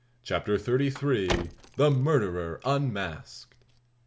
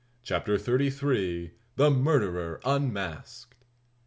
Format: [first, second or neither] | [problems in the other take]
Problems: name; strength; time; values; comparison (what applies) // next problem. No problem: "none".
second | background sound (Car); 11 dB below the speech